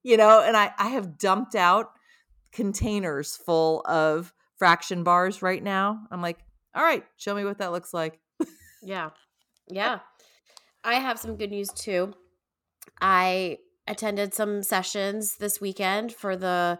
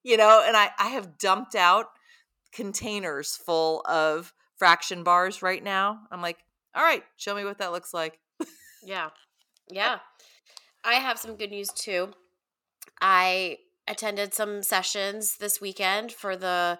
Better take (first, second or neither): first